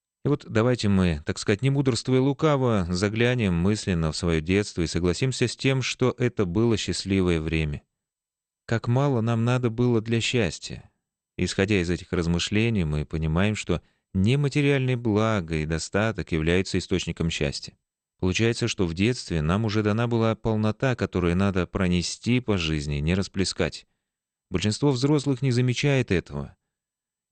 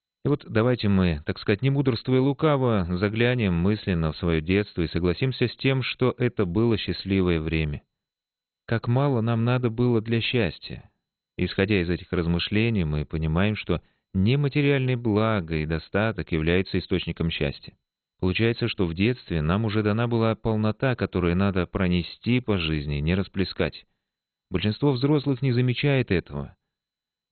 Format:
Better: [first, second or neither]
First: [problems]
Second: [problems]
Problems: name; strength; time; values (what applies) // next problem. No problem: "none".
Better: first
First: garbled, watery; slightly; nothing above 8.5 kHz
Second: garbled, watery; badly; nothing above 4 kHz